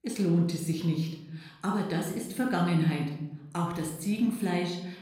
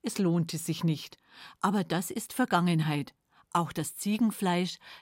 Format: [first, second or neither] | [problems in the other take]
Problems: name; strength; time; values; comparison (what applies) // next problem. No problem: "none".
second | off-mic speech; somewhat distant // room echo; noticeable; dies away in 0.8 s